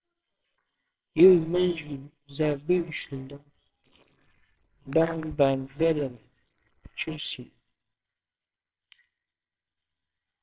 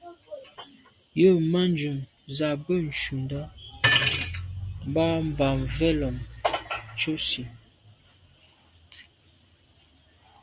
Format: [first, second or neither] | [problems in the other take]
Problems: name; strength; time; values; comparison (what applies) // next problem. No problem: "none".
second | noise reduction (neural separator model SepFormer WHAMR!)